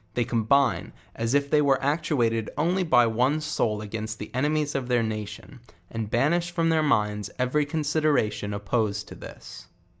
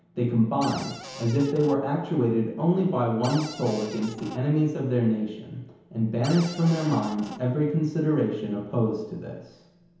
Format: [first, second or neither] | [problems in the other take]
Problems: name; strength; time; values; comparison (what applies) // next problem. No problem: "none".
first | background sound (Cupboard open or close); 14 dB below the speech // room echo; dies away in 1 s